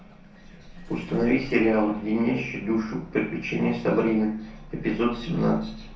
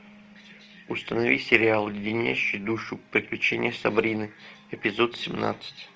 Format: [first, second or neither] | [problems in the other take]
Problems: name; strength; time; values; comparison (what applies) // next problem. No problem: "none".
second | background sound (Engine starting / Bus); 18 dB below the speech // room echo; dies away in 0.5 s